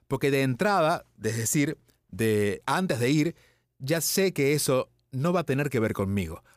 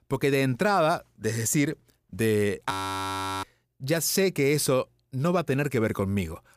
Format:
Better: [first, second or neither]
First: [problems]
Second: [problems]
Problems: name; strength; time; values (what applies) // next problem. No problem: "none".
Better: first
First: none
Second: audio freezing; at 2.5 s for 0.5 s